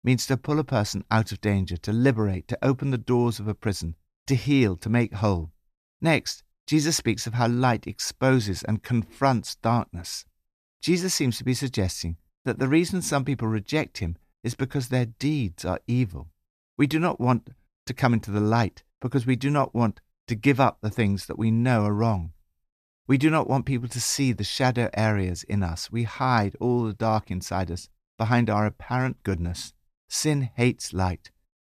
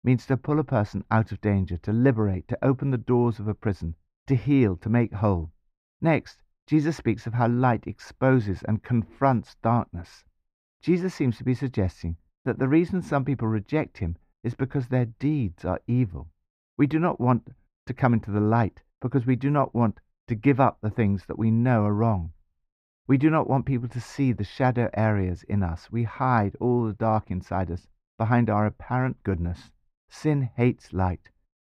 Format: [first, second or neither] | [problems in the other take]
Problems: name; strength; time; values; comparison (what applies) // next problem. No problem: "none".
first | muffled; very; fading above 3.5 kHz